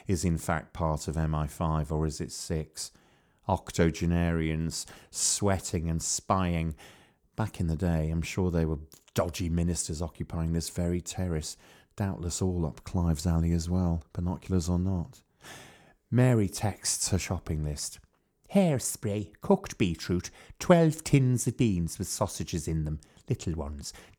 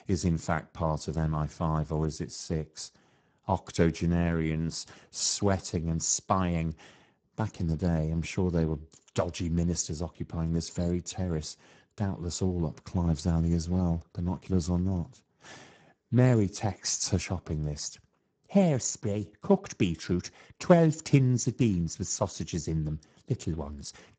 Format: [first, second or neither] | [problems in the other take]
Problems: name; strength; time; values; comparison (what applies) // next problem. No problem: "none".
first | garbled, watery; badly; nothing above 7.5 kHz